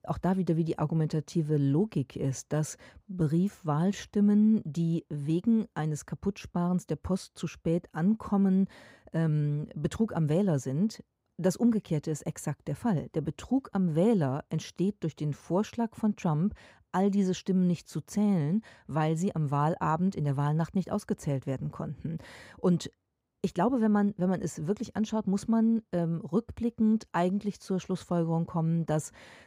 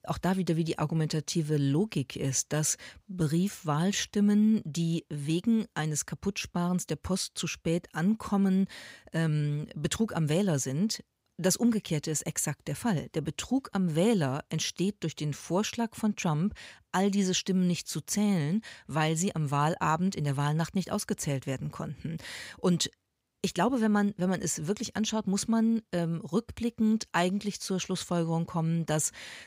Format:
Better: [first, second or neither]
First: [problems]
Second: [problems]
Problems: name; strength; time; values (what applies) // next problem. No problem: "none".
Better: second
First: muffled; slightly; fading above 1.5 kHz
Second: none